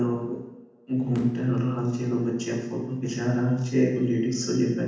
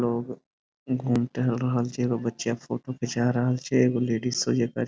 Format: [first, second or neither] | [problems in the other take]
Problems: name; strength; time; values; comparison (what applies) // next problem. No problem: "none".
second | room echo; dies away in 0.9 s